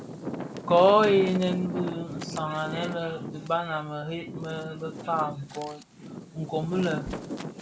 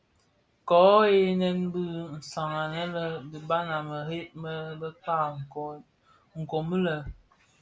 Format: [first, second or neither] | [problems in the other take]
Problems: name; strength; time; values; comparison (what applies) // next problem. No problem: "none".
second | background sound (Wind); 9 dB below the speech